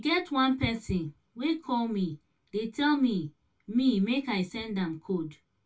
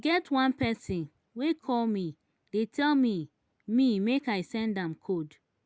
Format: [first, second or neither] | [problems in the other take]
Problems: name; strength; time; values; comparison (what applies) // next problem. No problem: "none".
second | room echo; dies away in 0.2 s